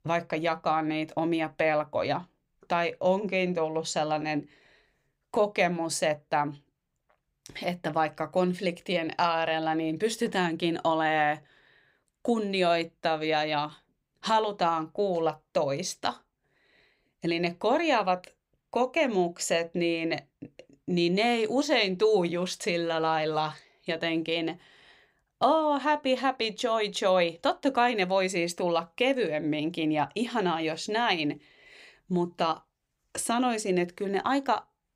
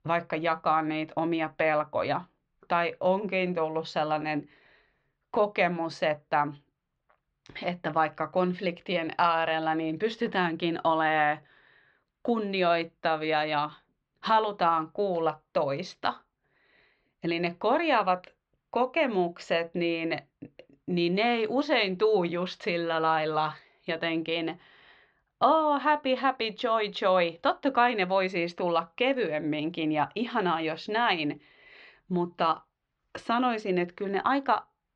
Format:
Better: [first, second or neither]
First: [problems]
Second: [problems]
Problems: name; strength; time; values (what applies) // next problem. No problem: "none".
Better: first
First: none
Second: muffled; very slightly; fading above 4 kHz